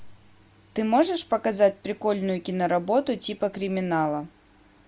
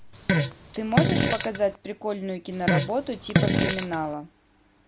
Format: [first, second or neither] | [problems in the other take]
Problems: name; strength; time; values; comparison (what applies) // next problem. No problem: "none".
first | background sound (Fart); 5 dB above the speech